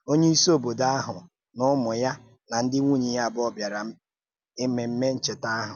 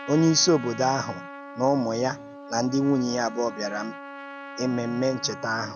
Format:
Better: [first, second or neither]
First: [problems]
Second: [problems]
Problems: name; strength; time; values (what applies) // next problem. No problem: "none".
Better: first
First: none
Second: background sound (Trumpet); 14 dB below the speech